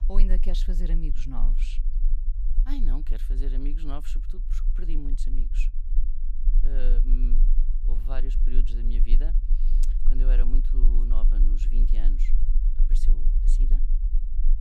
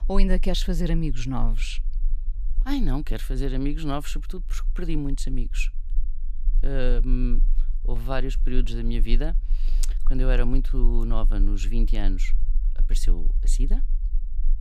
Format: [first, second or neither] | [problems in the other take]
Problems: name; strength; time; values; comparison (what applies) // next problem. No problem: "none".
second | low rumble; loud; throughout; 9 dB below the speech; faint in the second